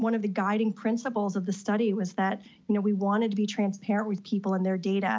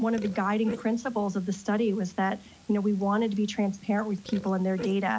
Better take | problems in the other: first | background sound (Burping, eructation); 17 dB below the speech

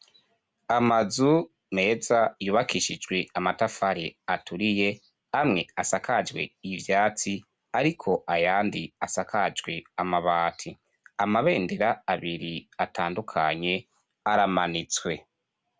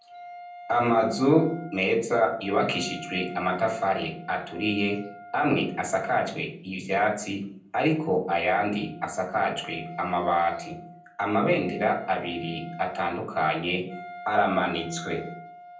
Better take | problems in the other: first | background sound (Wind instrument, woodwind instrument); 16 dB below the speech // room echo; dies away in 0.6 s

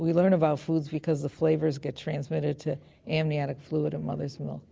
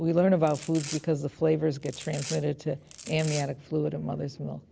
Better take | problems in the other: first | background sound (Domestic sounds, home sounds); 15 dB below the speech

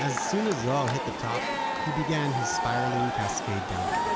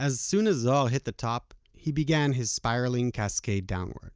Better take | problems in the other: second | background sound (Crowd / Cheering); 1 dB above the speech

